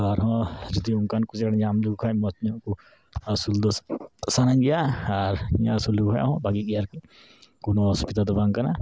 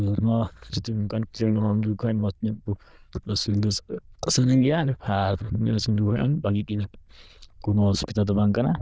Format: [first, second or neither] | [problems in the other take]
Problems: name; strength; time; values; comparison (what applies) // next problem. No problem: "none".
first | noise reduction (neural diffusion model UNIVERSE++)